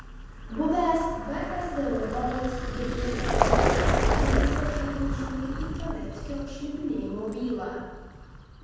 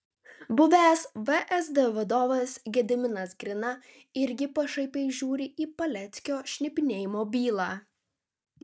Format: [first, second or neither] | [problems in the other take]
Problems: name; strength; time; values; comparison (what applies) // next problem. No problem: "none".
second | background sound (Vehicle); 3 dB above the speech // room echo; dies away in 1.2 s